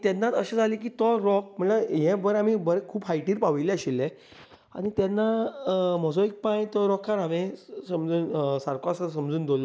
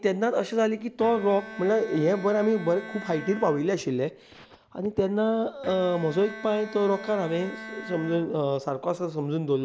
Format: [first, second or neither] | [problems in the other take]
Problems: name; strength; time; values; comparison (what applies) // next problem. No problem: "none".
first | background sound (Bowed string instrument); 16 dB below the speech